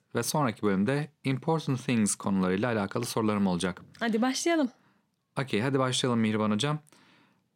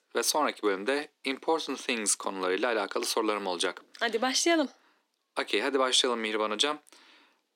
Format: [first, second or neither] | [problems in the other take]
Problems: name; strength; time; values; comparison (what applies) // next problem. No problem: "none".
first | thin; somewhat; fading below 300 Hz